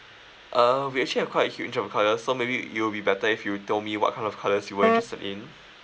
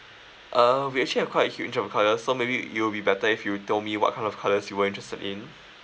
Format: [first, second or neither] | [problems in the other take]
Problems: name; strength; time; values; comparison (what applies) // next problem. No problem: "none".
second | background sound (Wind instrument, woodwind instrument); as loud as the speech